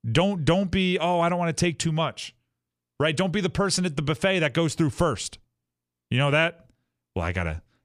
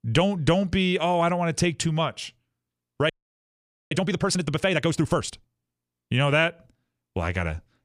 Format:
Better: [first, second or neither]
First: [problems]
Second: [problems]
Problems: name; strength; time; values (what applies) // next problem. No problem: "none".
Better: first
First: none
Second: audio freezing; at 3 s for 1 s